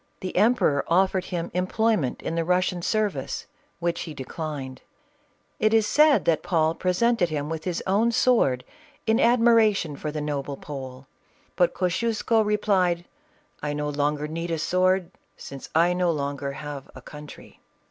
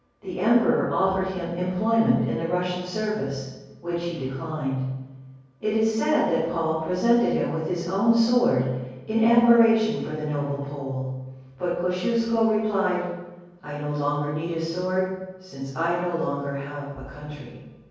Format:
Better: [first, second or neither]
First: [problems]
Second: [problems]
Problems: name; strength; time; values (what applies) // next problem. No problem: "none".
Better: first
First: none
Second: room echo; dies away in 1.3 s